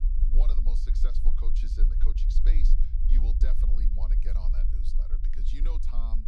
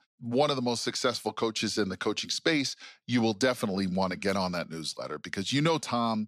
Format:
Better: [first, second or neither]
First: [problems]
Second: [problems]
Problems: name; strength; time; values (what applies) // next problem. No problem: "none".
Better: second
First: low rumble; loud; throughout; 3 dB below the speech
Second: none